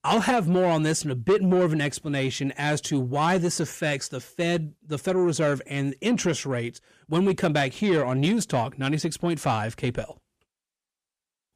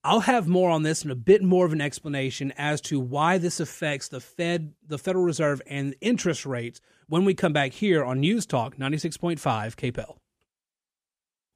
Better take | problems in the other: second | distortion; slight; 10 dB below the speech

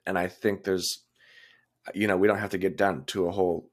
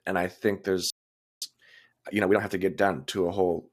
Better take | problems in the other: first | audio freezing; at 1 s for 0.5 s

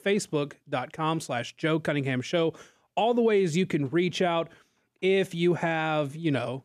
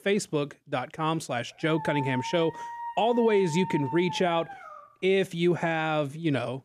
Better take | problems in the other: first | dog barking; noticeable; from 1.5 to 5 s; peak 7 dB below the speech

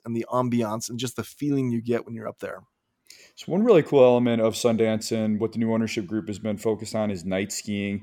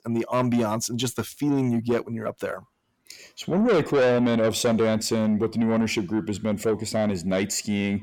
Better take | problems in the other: first | distortion; heavy; 8 dB below the speech

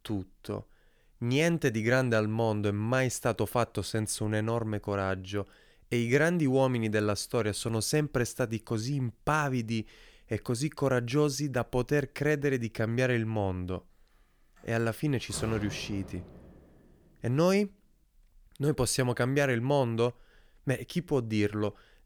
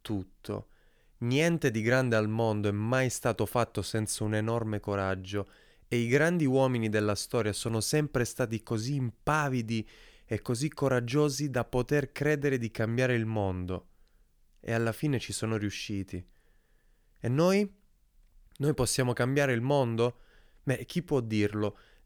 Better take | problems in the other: second | door banging; faint; from 15 to 17 s; peak 10 dB below the speech

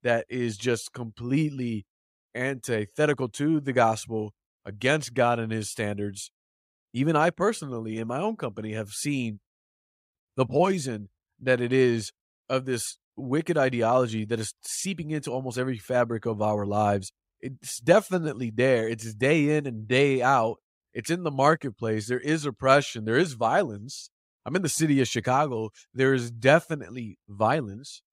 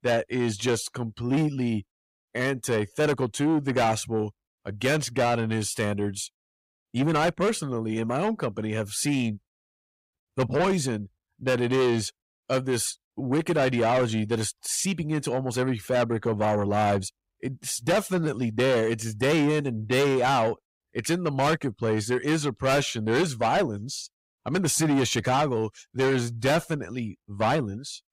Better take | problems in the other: first | distortion; heavy; 7 dB below the speech

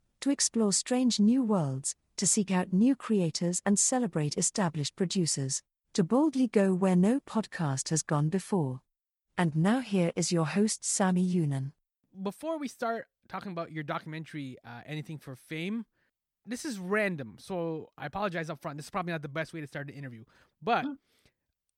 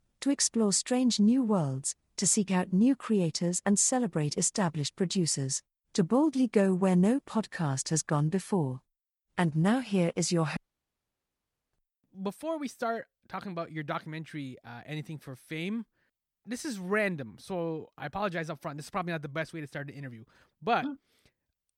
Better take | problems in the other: first | audio cutting out; at 11 s for 1 s

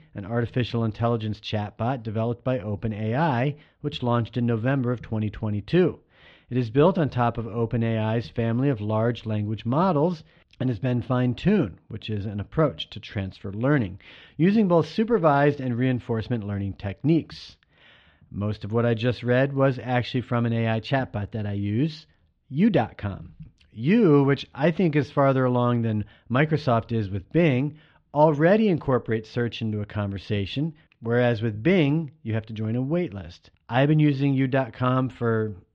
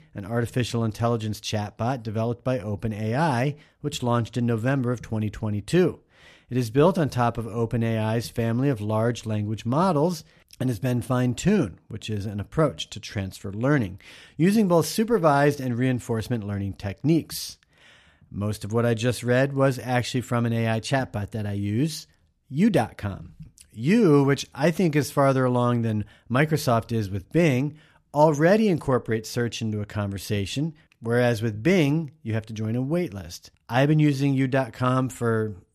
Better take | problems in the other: second | muffled; slightly; fading above 3.5 kHz

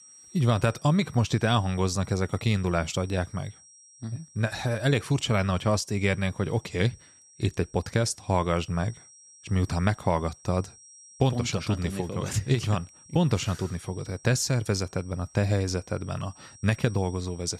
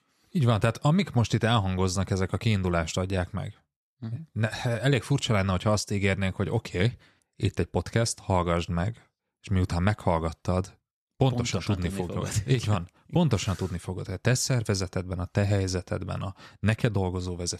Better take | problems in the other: second | high-pitched whine; faint; throughout; 5.5 kHz, 25 dB below the speech

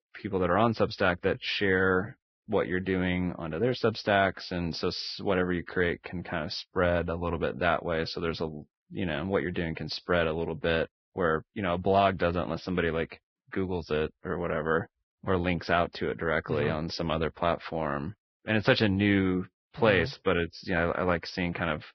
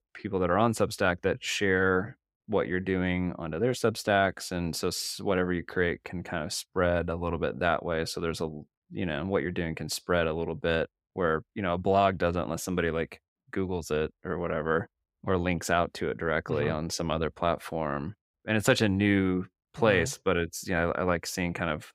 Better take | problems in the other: second | garbled, watery; badly; nothing above 5.5 kHz

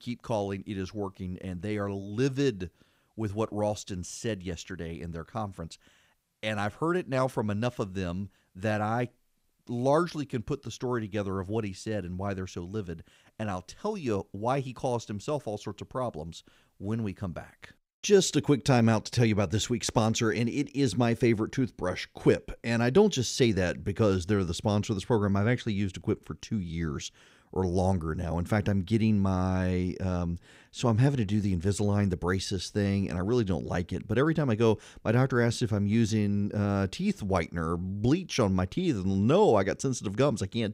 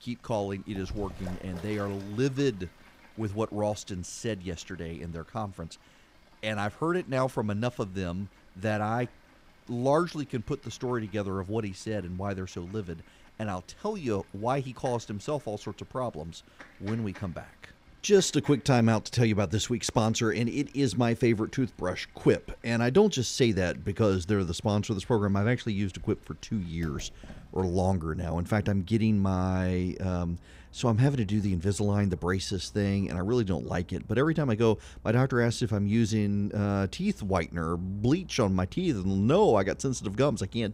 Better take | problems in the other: first | animal sounds; faint; throughout; 25 dB below the speech

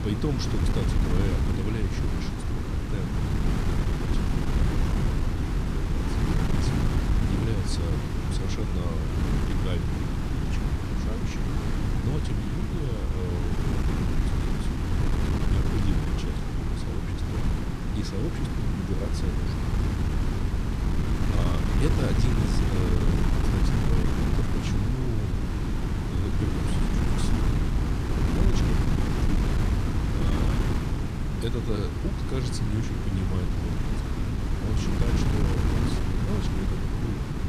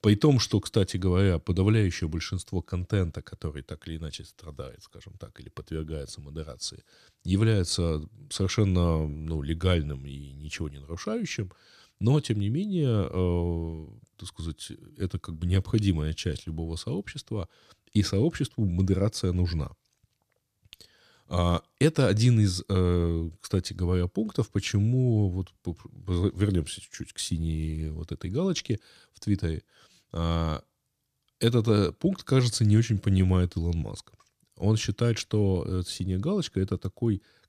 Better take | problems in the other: second | wind noise on the microphone; heavy; 5 dB above the speech

